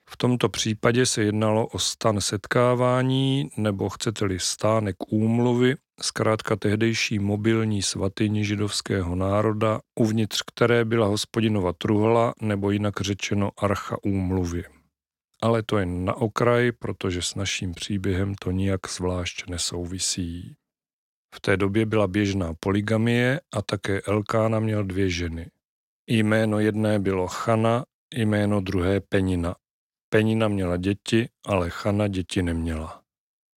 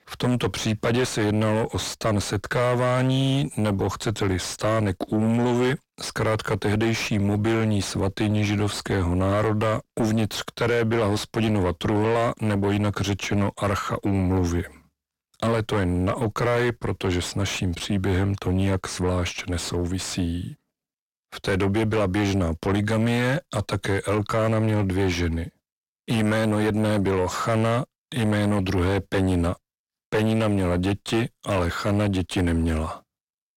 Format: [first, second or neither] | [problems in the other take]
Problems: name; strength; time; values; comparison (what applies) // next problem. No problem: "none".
first | distortion; heavy; 6 dB below the speech